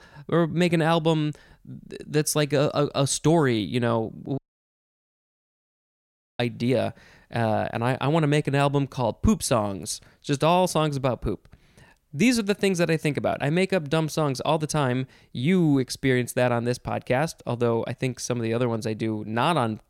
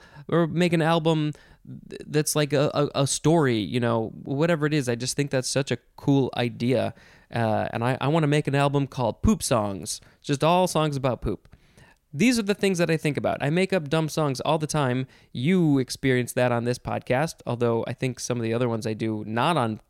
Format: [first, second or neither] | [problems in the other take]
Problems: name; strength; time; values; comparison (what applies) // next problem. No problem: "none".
second | audio cutting out; at 4.5 s for 2 s